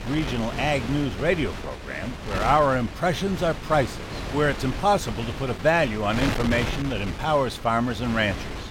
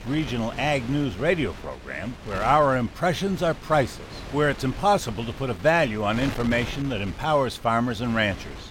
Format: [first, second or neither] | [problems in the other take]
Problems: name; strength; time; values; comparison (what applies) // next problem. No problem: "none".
second | wind noise on the microphone; heavy; 10 dB below the speech; occasional gusts in the second